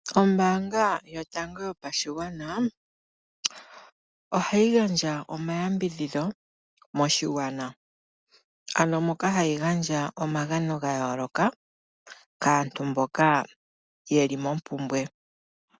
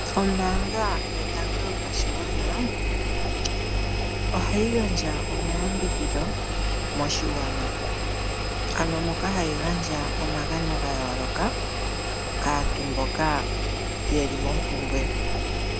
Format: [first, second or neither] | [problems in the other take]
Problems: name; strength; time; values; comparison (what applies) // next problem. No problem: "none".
first | background sound (Engine); 4 dB above the speech